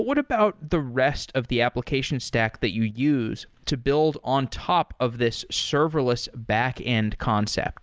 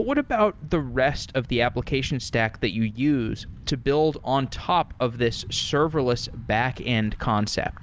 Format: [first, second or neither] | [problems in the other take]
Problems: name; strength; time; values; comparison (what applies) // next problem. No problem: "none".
first | background sound (Thunder / Bicycle); 16 dB below the speech